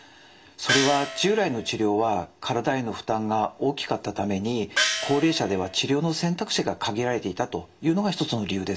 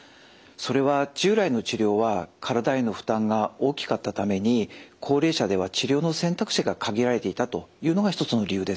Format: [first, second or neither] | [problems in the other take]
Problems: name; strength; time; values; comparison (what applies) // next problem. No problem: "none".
second | background sound (Gong); 2 dB below the speech // room echo; dies away in 0.2 s